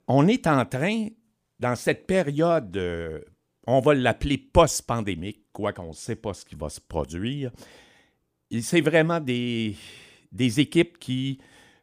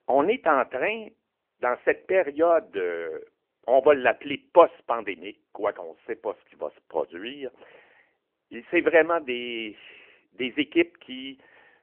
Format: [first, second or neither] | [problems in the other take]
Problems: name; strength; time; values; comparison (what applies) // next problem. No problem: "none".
first | phone-call audio; nothing above 3 kHz